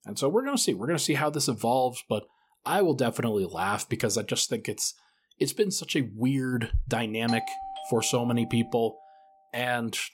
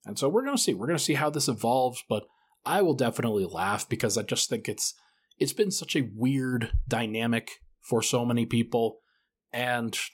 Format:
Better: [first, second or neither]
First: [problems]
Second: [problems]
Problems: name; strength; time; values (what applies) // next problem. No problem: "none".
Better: second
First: doorbell; noticeable; from 7.5 to 9 s; peak 7 dB below the speech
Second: none